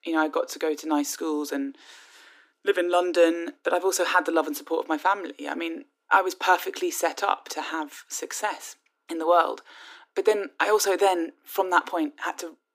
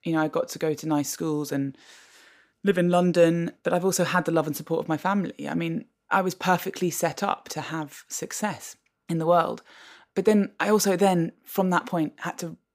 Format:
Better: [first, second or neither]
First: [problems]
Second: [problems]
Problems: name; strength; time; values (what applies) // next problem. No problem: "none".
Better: second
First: thin; somewhat; fading below 300 Hz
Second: none